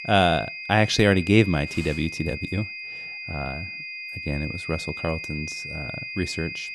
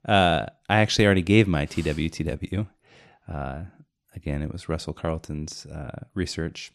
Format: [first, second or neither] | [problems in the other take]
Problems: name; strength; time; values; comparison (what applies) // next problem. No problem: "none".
second | high-pitched whine; loud; throughout; 2.5 kHz, 8 dB below the speech